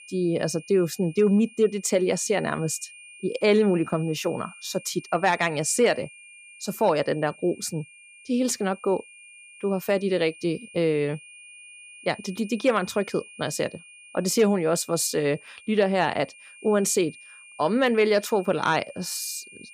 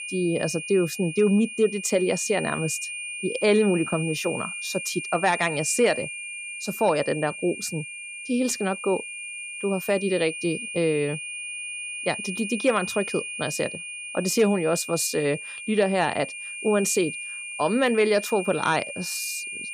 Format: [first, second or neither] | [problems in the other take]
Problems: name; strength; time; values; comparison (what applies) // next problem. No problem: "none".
first | high-pitched whine; loud; throughout; 2.5 kHz, 7 dB below the speech; faint in the first